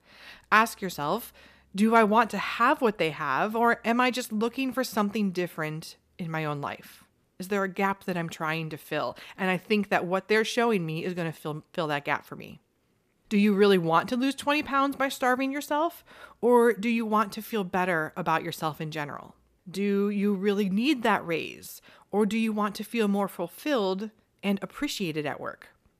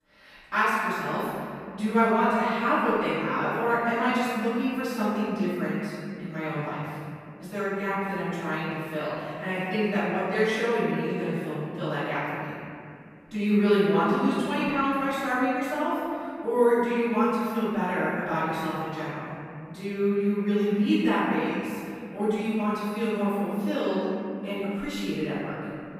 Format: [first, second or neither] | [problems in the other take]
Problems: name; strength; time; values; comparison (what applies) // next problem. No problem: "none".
first | room echo; strong; dies away in 2.6 s // off-mic speech; far